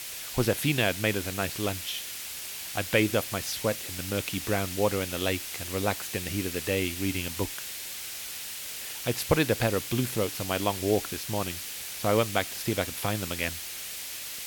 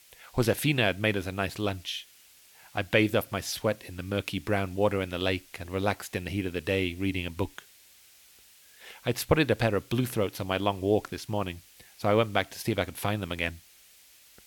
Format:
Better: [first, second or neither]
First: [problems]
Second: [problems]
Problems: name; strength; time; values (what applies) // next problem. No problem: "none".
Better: second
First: hiss; loud; throughout; 5 dB below the speech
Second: hiss; faint; throughout; 25 dB below the speech